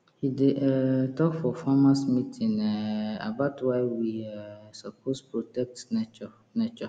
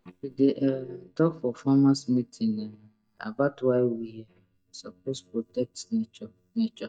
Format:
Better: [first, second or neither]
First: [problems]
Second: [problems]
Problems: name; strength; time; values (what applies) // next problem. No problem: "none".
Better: first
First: none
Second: noise reduction (neural mask model DeepFilterNet 3)